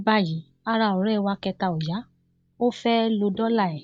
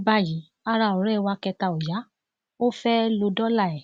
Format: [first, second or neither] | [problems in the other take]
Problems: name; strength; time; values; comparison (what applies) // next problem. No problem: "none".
second | noise reduction (neural mask model DeepFilterNet 3)